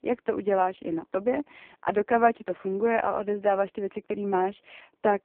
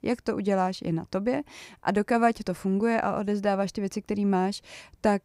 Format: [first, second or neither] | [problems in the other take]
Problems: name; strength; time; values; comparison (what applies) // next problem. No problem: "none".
second | phone-call audio; poor line